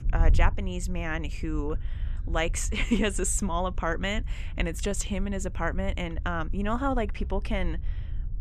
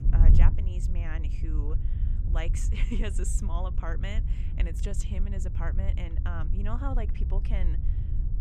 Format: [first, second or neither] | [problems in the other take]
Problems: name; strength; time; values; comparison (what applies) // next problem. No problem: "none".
first | wind noise on the microphone; heavy; 6 dB below the speech; occasional gusts in the first